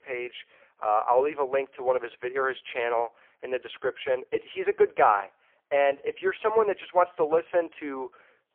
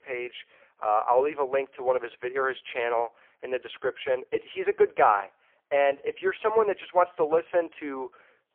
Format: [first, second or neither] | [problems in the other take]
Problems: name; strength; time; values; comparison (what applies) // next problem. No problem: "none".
neither | phone-call audio; poor line; nothing above 3.5 kHz; the same in both